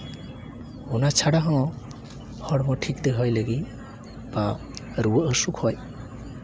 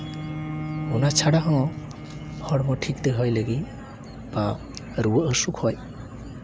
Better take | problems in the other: first | background sound (Bowed string instrument); 11 dB below the speech

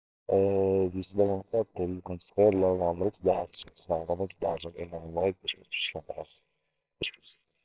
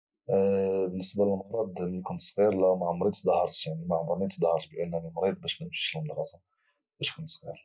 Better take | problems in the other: second | noise reduction (neural separator model SepFormer WHAMR!)

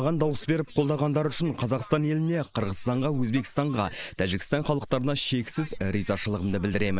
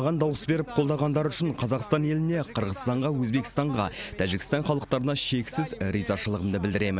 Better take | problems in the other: second | noise reduction (neural mask model Resemble Enhance denoiser)

